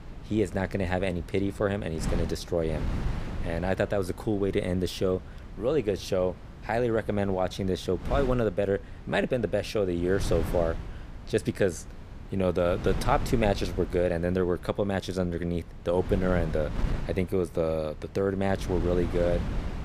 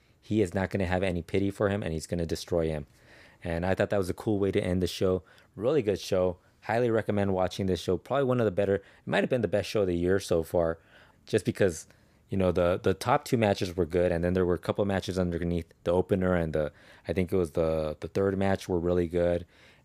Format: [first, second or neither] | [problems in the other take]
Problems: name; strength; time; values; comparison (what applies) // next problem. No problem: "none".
second | wind noise on the microphone; occasional gusts; 15 dB below the speech